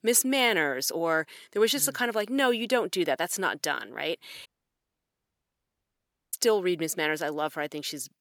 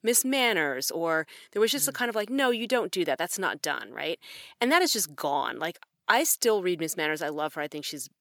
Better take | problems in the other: second | audio cutting out; at 4.5 s for 2 s

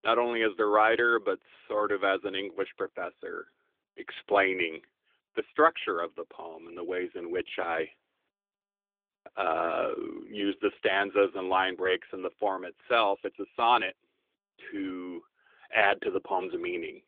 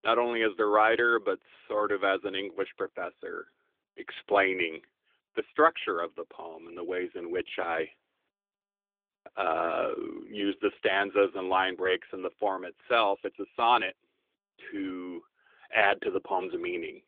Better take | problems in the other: neither | phone-call audio; nothing above 3.5 kHz; the same in both

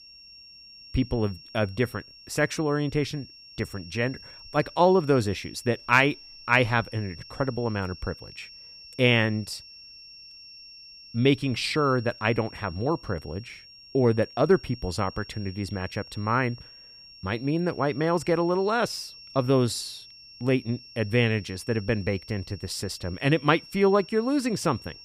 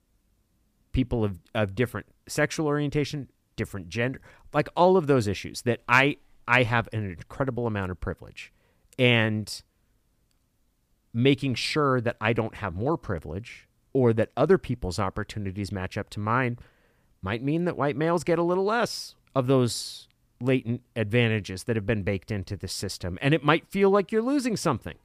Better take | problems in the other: second | high-pitched whine; noticeable; throughout; 5.5 kHz, 20 dB below the speech

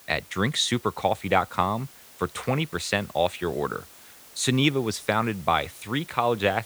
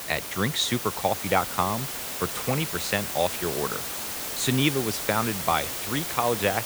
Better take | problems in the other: first | hiss; loud; throughout; 3 dB below the speech; faint in the first

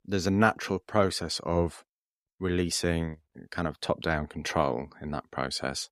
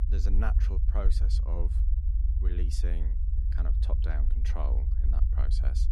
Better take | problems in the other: first | low rumble; loud; throughout; 5 dB below the speech

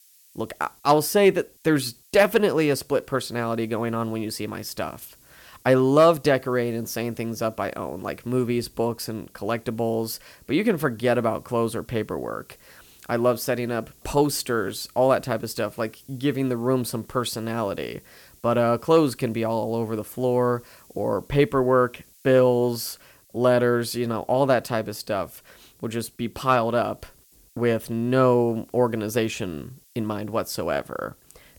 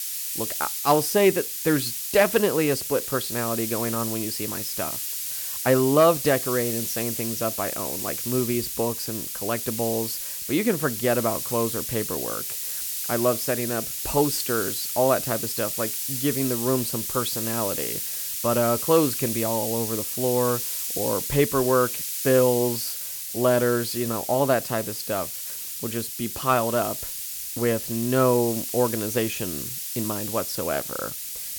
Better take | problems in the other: first | hiss; loud; throughout; 3 dB below the speech; faint in the first

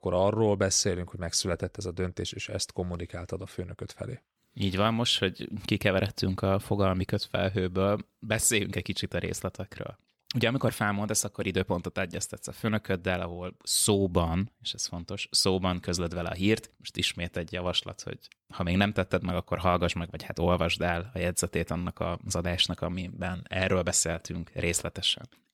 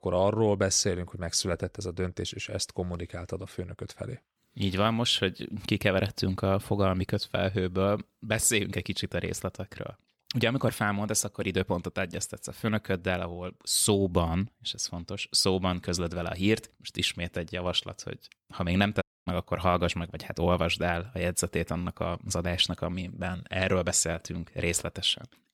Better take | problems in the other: first | audio cutting out; at 19 s

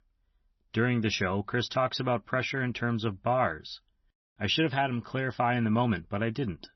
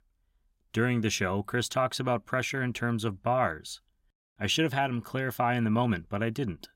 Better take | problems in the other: second | garbled, watery; slightly; nothing above 6 kHz

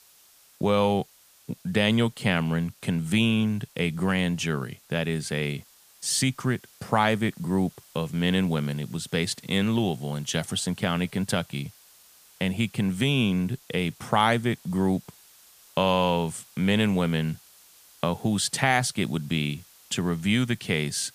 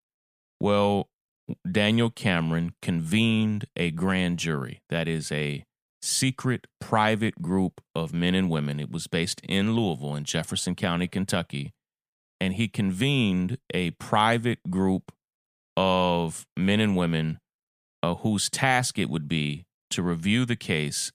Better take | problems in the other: second | hiss; faint; throughout; 25 dB below the speech

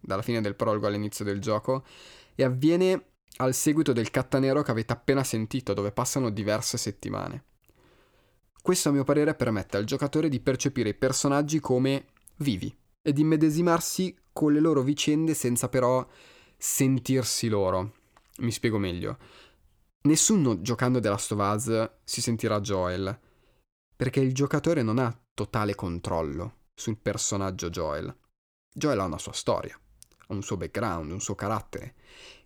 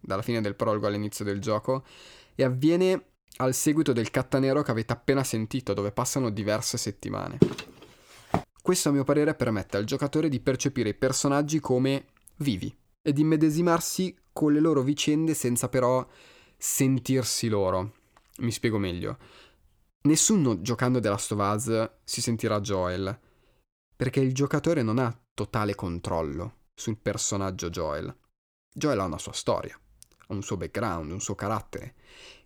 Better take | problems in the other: first | footsteps; loud; at 7.5 s; peak 1 dB above the speech

